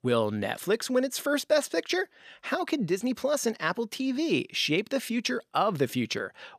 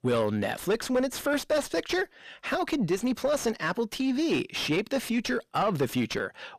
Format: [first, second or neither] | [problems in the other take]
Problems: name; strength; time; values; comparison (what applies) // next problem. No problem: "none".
first | distortion; slight; 10 dB below the speech